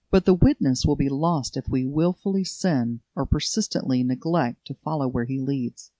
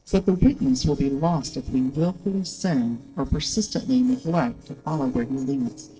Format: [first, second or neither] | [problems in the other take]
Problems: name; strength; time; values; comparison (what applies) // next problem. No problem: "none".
first | noise reduction (neural separator model SepFormer DNS4)